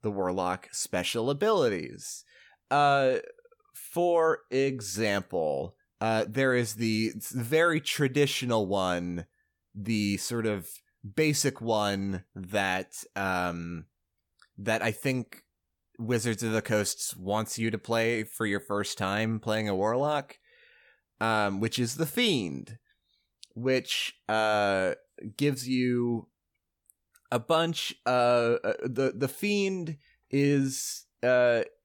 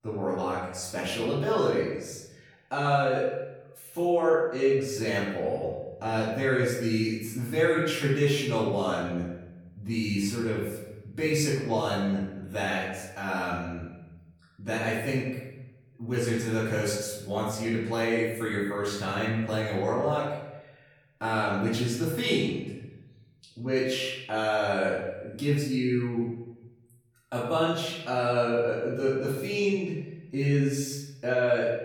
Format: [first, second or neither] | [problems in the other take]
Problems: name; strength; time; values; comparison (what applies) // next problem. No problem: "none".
first | off-mic speech; far // room echo; noticeable; dies away in 1 s